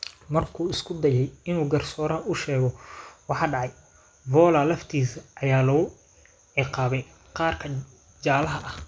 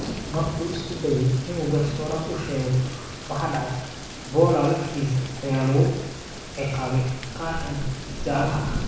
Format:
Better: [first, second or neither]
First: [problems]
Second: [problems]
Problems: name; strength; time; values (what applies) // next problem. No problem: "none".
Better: first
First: none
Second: background sound (Thunder / Rain); 8 dB below the speech // room echo; dies away in 1.1 s